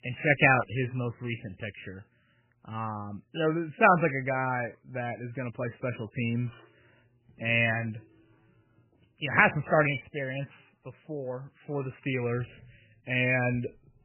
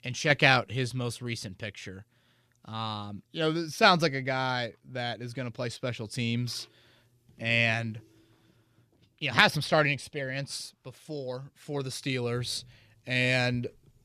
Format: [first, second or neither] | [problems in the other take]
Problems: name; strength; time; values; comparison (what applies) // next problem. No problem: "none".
second | garbled, watery; badly; nothing above 2.5 kHz